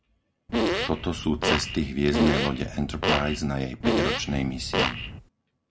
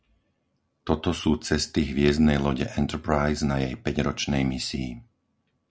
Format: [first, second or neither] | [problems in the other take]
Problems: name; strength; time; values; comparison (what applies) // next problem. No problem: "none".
second | background sound (Fart); as loud as the speech